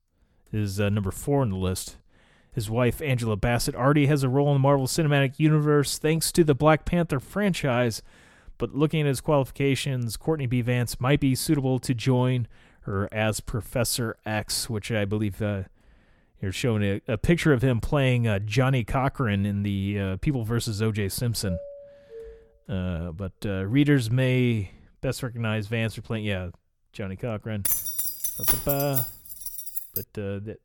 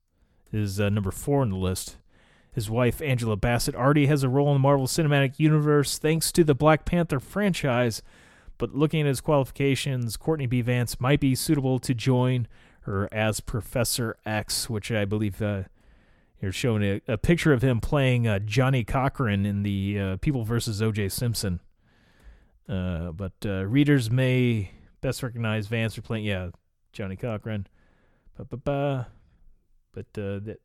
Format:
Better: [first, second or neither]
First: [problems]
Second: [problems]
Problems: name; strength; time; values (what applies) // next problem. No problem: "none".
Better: second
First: doorbell; faint; at 21 s; peak 15 dB below the speech // jangling keys; loud; from 28 to 30 s; peak 3 dB above the speech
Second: none